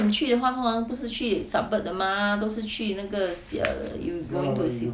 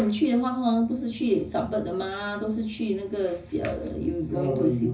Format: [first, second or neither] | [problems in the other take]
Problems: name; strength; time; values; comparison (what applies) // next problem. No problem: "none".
first | room echo; dies away in 0.4 s